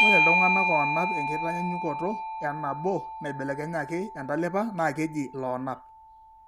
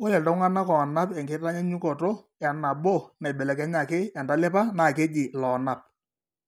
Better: second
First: background sound (Bell / Doorbell); 2 dB above the speech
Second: none

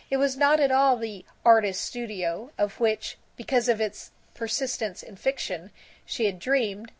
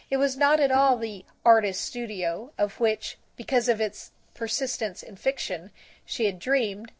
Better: first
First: none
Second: noise reduction (neural separator model SepFormer DNS4)

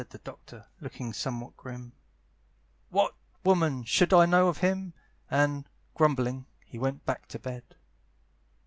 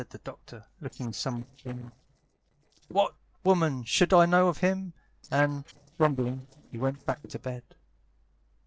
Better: first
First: none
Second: noise reduction (neural separator model SepFormer DNS4)

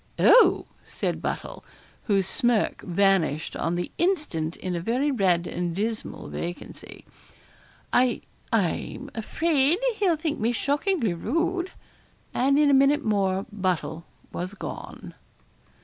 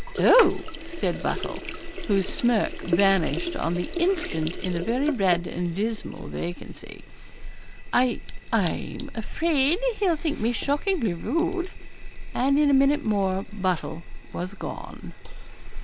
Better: first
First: none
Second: background sound (Sink (filling or washing)); 6 dB below the speech

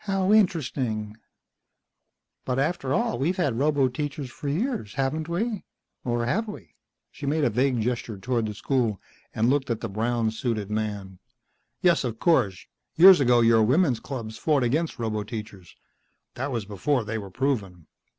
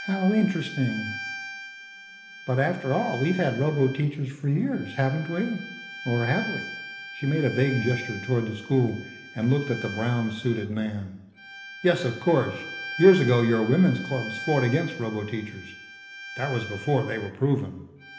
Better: first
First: none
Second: background sound (Bowed string instrument); 13 dB below the speech // room echo; dies away in 1.1 s

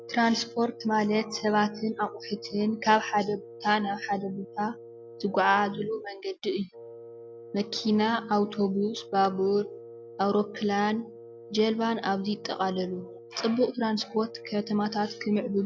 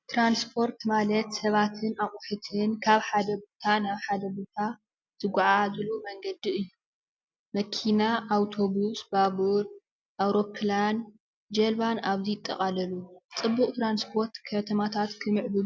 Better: second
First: background sound (Wind instrument, woodwind instrument); 17 dB below the speech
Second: none

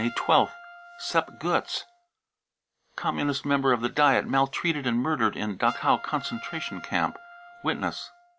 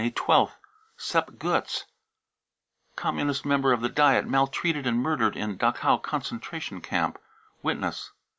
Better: second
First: background sound (Trumpet); 19 dB below the speech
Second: none

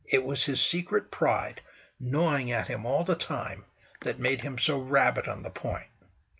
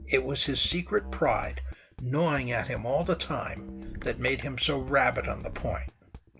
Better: first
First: none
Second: background sound (Drum kit); 11 dB below the speech

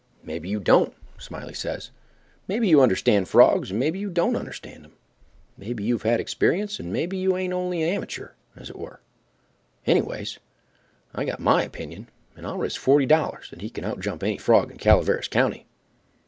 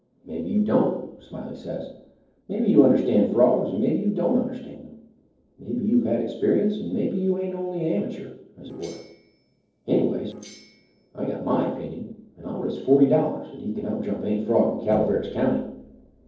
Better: first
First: none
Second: noise reduction (neural separator model SepFormer DNS4)

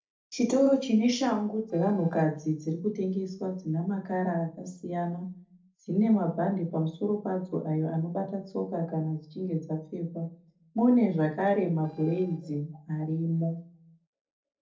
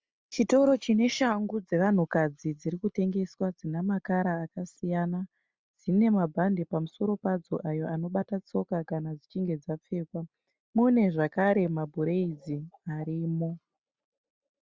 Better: second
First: noise reduction (neural separator model SepFormer DNS4)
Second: none

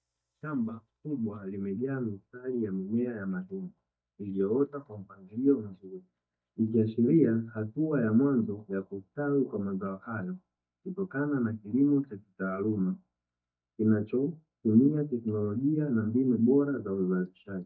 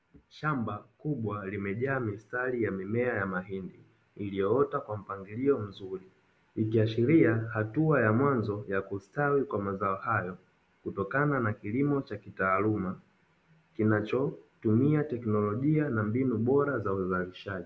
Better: second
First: noise reduction (neural mask model DeepFilterNet 3)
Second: none

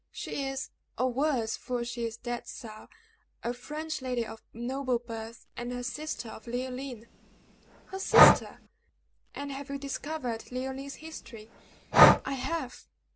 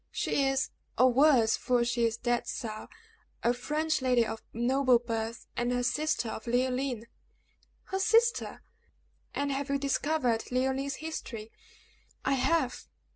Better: second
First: background sound (Breathing); 5 dB above the speech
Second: none

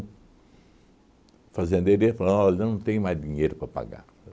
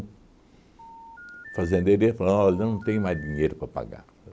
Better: first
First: none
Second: background sound (Telephone); 18 dB below the speech

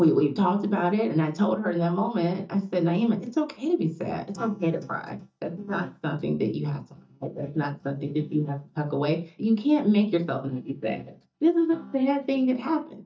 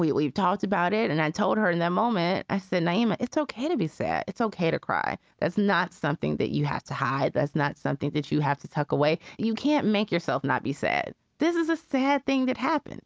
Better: second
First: noise reduction (neural mask model DeepFilterNet 3)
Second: none

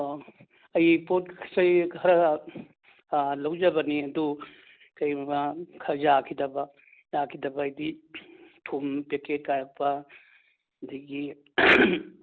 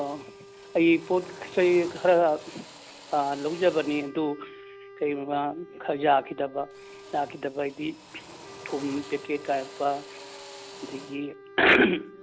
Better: first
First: none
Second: background sound (Drill + Wind instrument, woodwind instrument); 17 dB below the speech

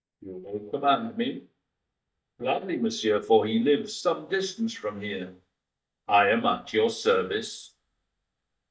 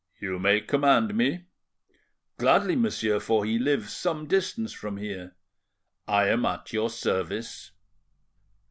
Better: second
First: noise reduction (neural mask model DeepFilterNet 3)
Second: none

